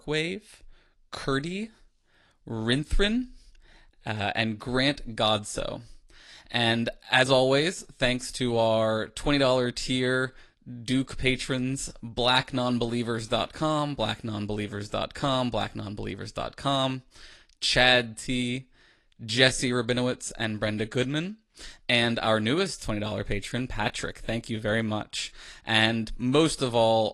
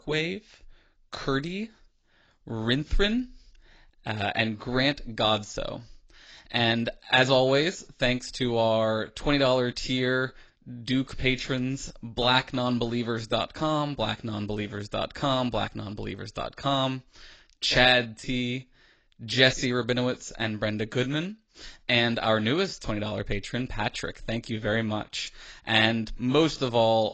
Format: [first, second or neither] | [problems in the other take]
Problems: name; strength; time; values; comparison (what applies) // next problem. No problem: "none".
first | garbled, watery; badly; nothing above 7.5 kHz; slightly in the first